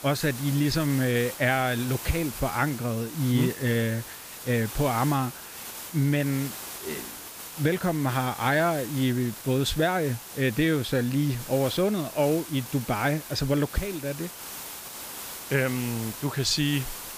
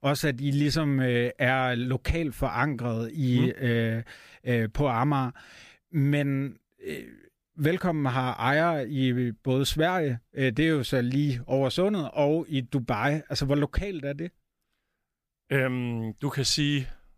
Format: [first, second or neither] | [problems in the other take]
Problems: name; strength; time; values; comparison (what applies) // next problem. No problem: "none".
second | hiss; noticeable; throughout; 10 dB below the speech